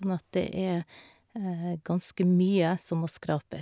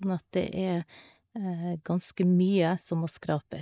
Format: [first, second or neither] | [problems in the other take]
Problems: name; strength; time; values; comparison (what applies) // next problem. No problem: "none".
first | noise reduction (neural mask model Resemble Enhance denoiser)